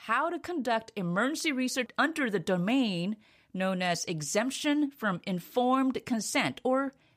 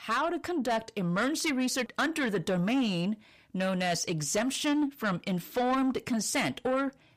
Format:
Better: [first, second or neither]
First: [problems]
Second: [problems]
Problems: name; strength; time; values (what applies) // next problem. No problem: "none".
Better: first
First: none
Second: distortion; slight; 10 dB below the speech